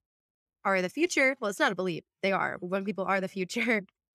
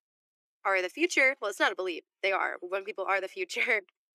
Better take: first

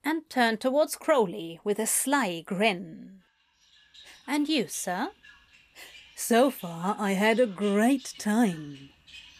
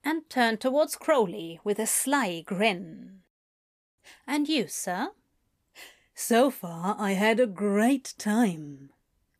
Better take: second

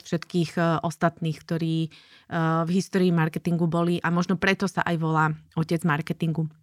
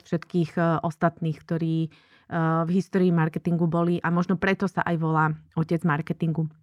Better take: first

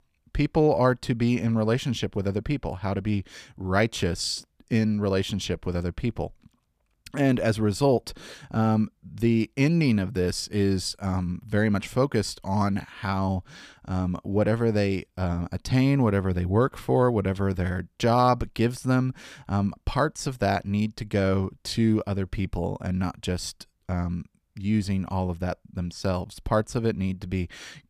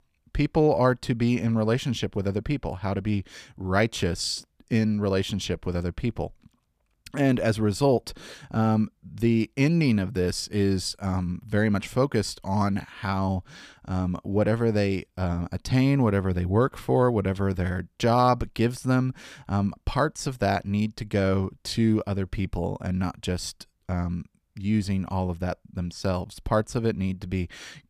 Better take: neither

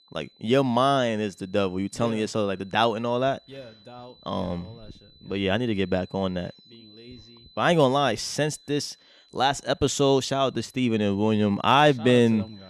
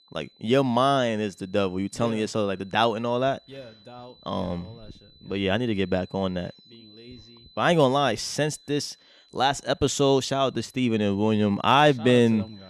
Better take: neither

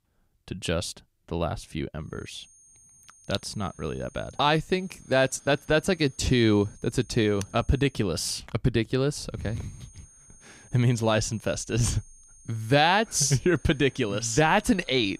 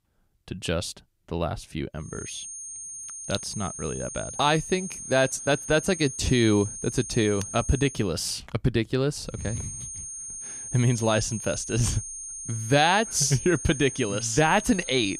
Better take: first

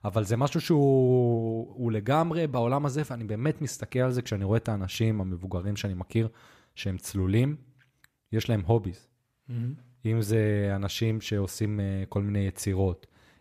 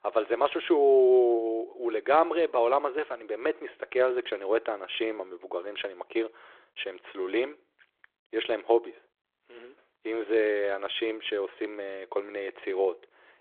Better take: first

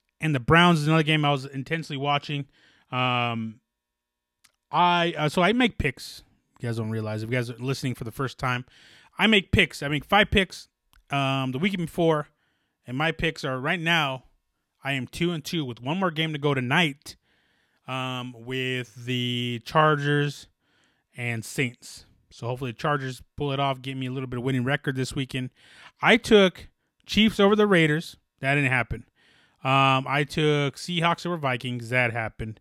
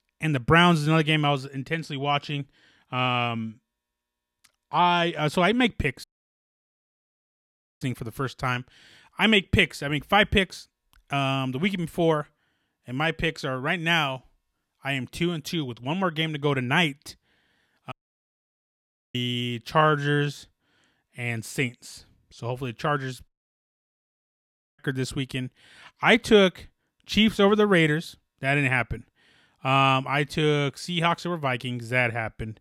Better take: first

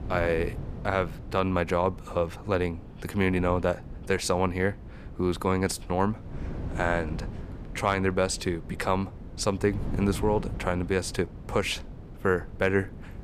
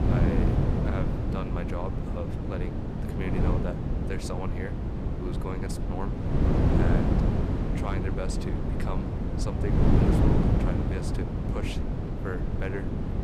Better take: first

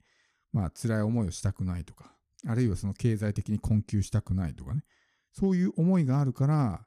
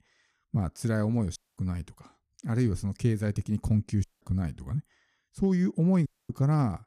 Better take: first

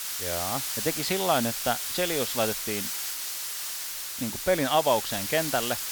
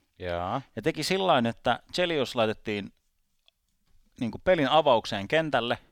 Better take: second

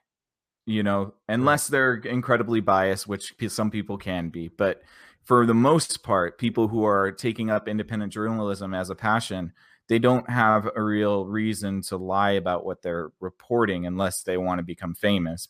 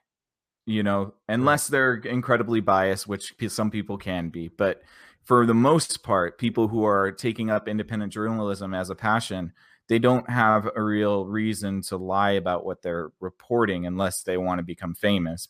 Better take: neither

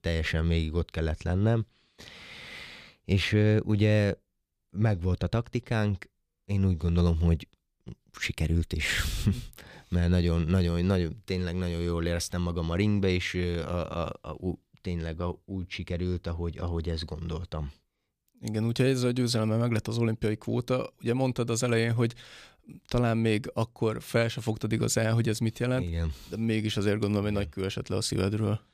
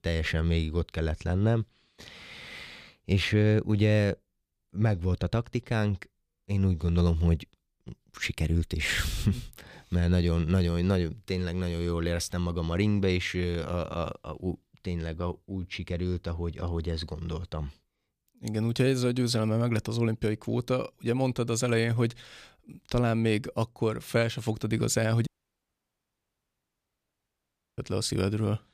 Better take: first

